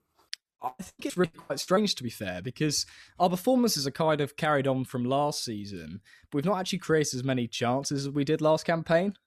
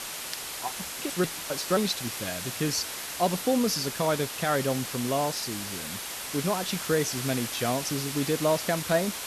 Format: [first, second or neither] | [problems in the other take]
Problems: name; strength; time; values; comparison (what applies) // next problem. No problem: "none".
first | hiss; loud; throughout; 4 dB below the speech